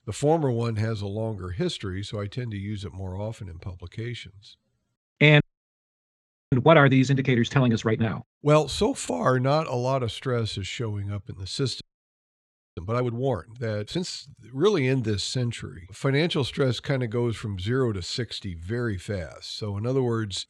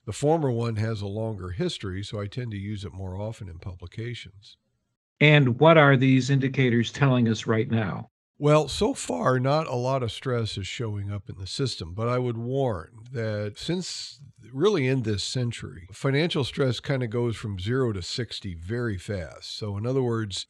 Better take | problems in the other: second | audio freezing; at 5.5 s for 1 s and at 12 s for 1 s

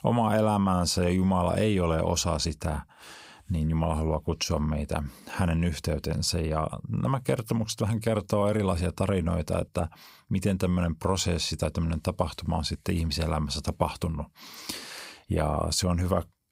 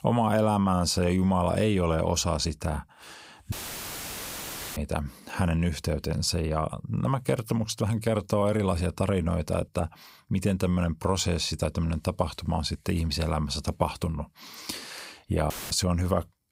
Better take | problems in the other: first | audio cutting out; filled with static; at 3.5 s for 1 s and at 16 s

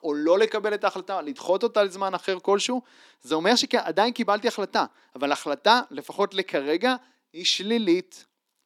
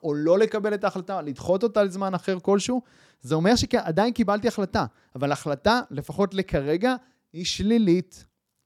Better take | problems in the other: second | thin; very slightly; fading below 250 Hz

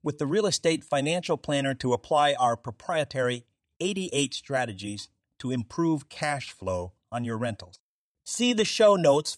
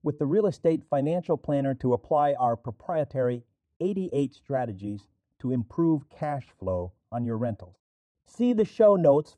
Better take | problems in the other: first | muffled; very; fading above 1.5 kHz

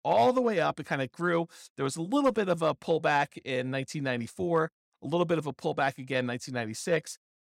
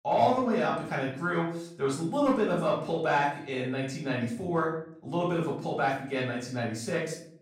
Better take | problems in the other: first | off-mic speech; far // room echo; noticeable; dies away in 0.5 s

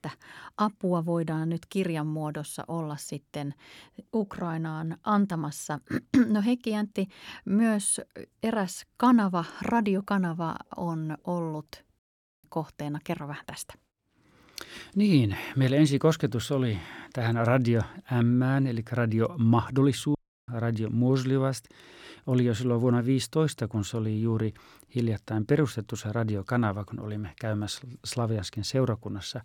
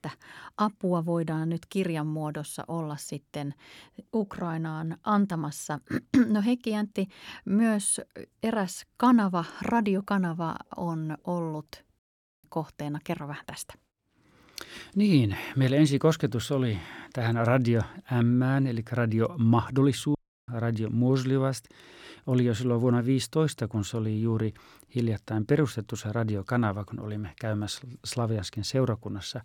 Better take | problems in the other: neither | audio cutting out; at 12 s and at 20 s; the same in both

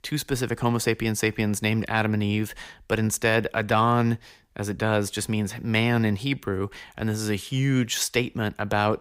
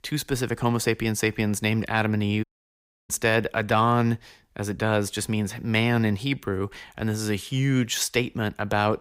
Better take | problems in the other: first | audio cutting out; at 2.5 s for 0.5 s

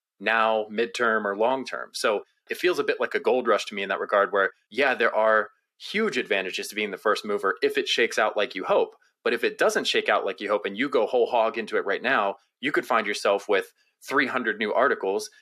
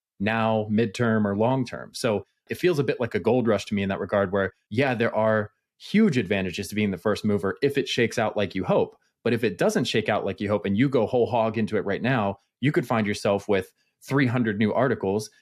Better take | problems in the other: second | thin; somewhat; fading below 350 Hz

